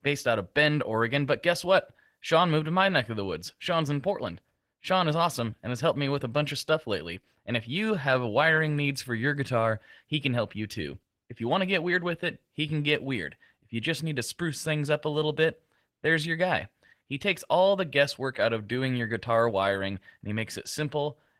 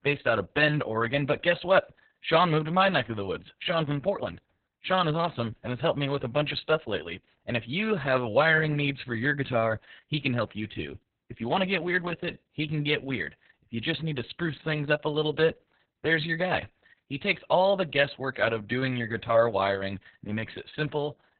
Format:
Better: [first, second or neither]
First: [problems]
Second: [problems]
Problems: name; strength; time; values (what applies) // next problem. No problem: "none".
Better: first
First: garbled, watery; slightly; nothing above 16 kHz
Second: garbled, watery; badly; nothing above 4 kHz